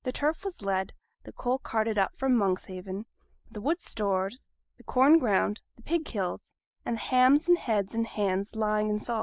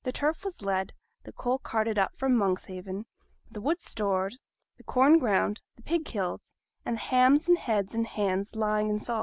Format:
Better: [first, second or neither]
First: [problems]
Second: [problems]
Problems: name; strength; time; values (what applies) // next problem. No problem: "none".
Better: second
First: noise reduction (neural mask model Resemble Enhance denoiser)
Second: none